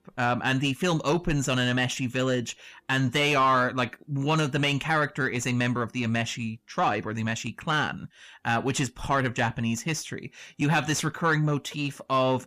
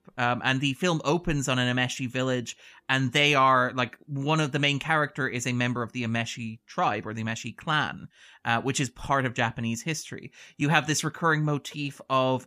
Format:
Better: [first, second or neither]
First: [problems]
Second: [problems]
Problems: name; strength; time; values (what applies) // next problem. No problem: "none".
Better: second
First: distortion; slight; 10 dB below the speech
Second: none